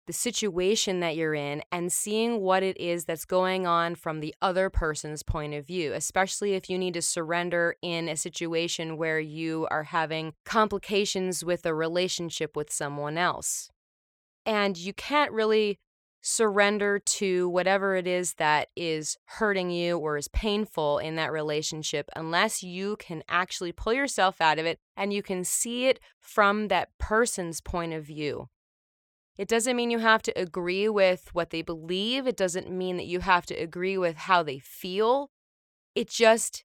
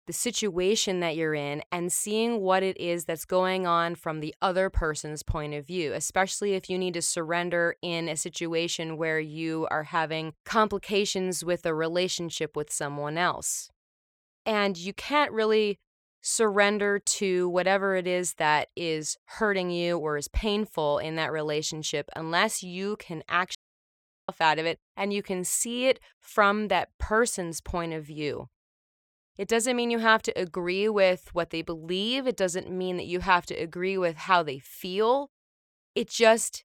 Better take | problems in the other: first | audio cutting out; at 24 s for 0.5 s

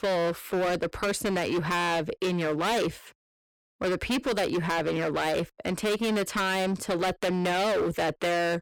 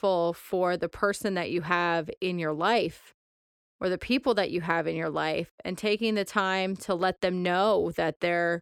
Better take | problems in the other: second | distortion; heavy; 27% of the sound clipped

